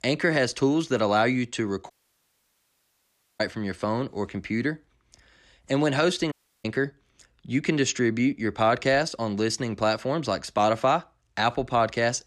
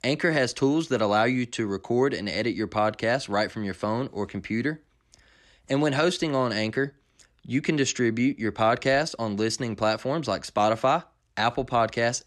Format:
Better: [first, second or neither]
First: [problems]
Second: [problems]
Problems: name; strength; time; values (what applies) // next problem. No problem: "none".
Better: second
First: audio cutting out; at 2 s for 1.5 s and at 6.5 s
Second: none